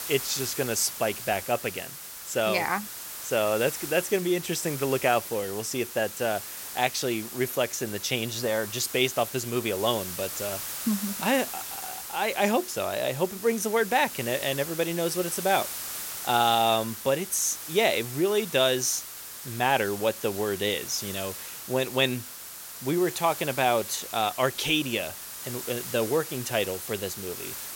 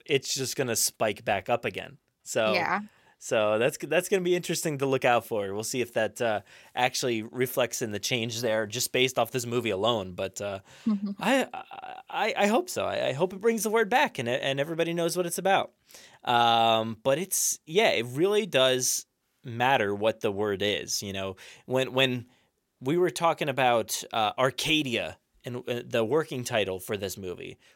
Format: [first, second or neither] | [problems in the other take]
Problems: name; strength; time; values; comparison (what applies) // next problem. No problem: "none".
second | hiss; loud; throughout; 8 dB below the speech